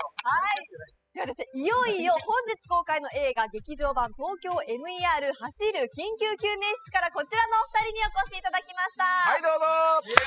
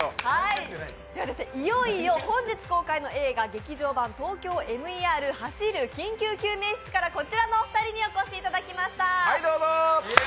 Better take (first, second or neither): second